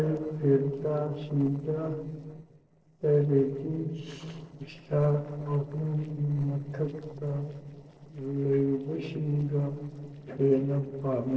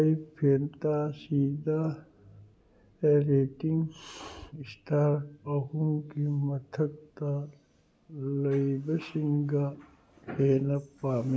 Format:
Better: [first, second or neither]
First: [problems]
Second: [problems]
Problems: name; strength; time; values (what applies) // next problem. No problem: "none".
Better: second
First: noise reduction (neural separator model SepFormer DNS4)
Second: none